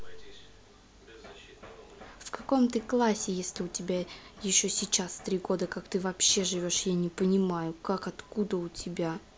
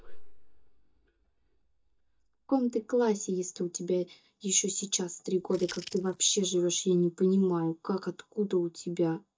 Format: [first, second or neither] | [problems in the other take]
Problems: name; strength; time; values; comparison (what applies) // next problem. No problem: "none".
first | noise reduction (neural mask model DeepFilterNet 3)